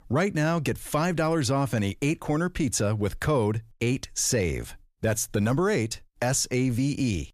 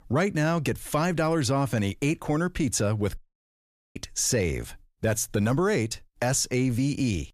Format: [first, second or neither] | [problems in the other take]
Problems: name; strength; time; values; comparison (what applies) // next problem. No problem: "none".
first | audio cutting out; at 3 s for 1 s